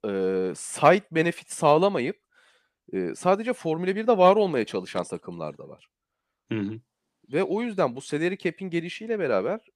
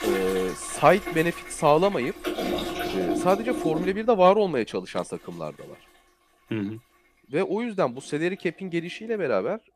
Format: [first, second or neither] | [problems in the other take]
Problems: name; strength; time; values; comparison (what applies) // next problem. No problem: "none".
first | household noises; loud; throughout; 7 dB below the speech